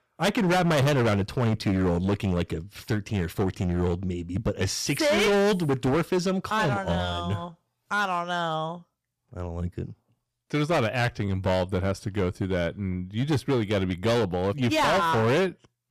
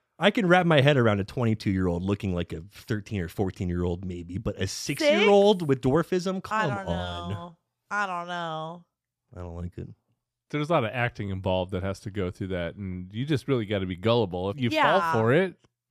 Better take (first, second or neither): second